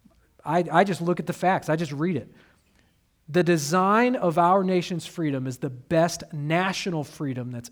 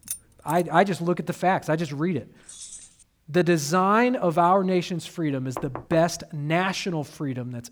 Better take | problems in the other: first | jangling keys; faint; at the start and at 2.5 s; peak 10 dB below the speech // door banging; faint; at 5.5 s; peak 15 dB below the speech

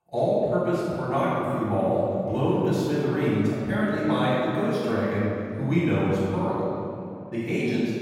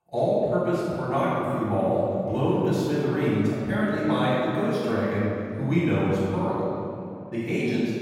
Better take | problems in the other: neither | room echo; strong; dies away in 2.4 s; the same in both // off-mic speech; far; the same in both

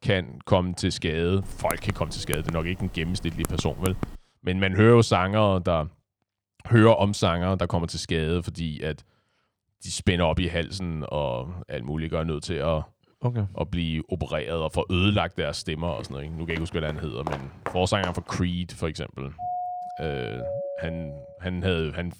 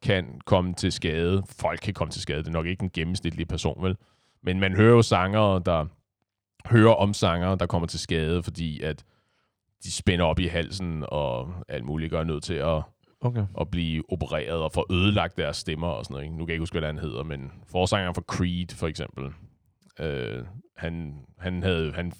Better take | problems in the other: second | keyboard typing; noticeable; from 1.5 to 4 s; peak 8 dB below the speech // footsteps; noticeable; from 16 to 18 s; peak 8 dB below the speech // doorbell; noticeable; from 19 to 21 s; peak 5 dB below the speech

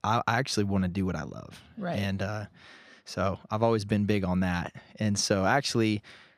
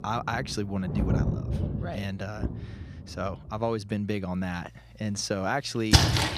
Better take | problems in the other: first | rain or running water; very loud; throughout; 4 dB above the speech

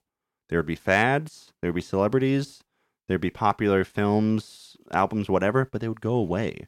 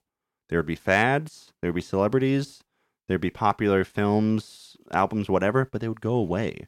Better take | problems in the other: neither | none

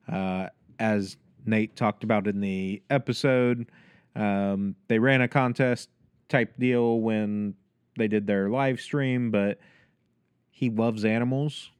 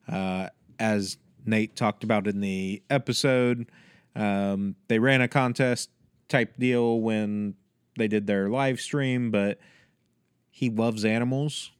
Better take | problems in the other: second | muffled; very slightly; fading above 3.5 kHz

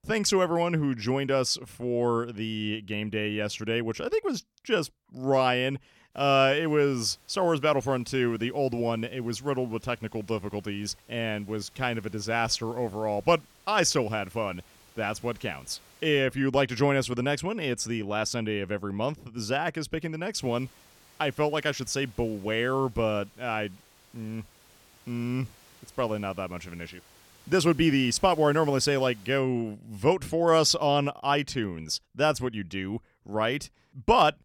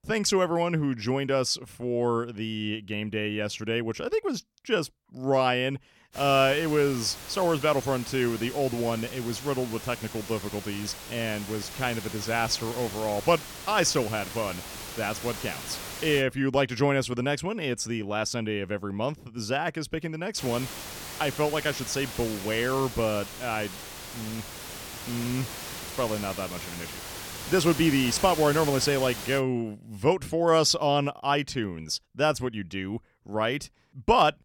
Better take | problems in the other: first | hiss; loud; from 6 to 16 s and from 20 to 29 s; 10 dB below the speech; faint in the first

